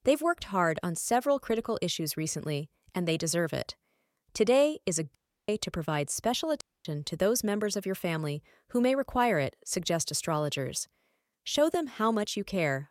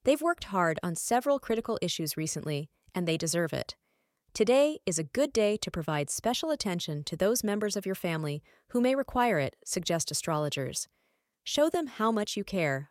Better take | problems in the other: second | audio cutting out; at 5 s and at 6.5 s

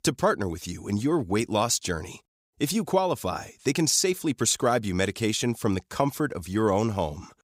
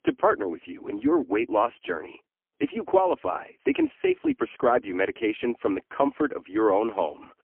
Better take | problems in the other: first | phone-call audio; poor line; nothing above 3 kHz

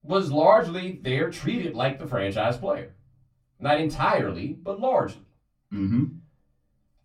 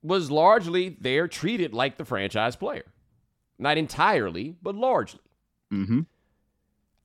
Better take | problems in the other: second | off-mic speech; far // room echo; very slight; dies away in 0.3 s

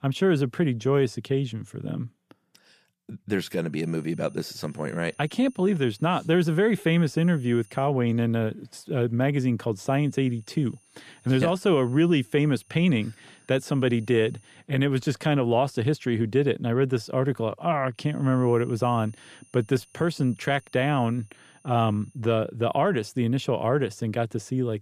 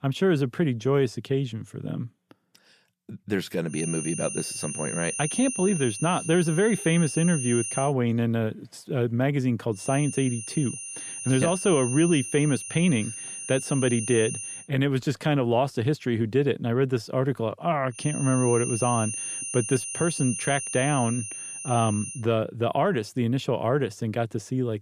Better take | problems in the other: first | high-pitched whine; loud; from 4 to 8 s, from 10 to 15 s and from 18 to 22 s; 9.5 kHz, 6 dB below the speech; faint in the first

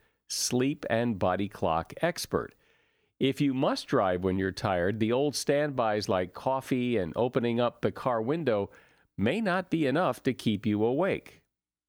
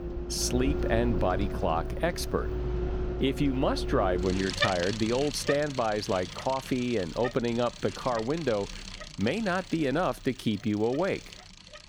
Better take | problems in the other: first | traffic noise; loud; throughout; 6 dB below the speech

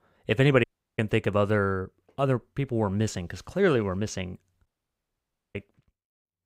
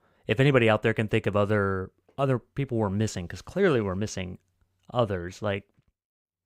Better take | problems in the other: second | audio cutting out; at 0.5 s and at 4.5 s for 1 s

